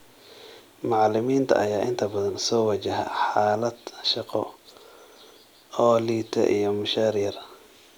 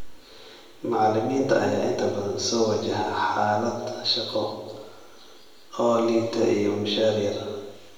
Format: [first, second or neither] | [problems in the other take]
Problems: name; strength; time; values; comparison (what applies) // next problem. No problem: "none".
first | room echo; dies away in 1.2 s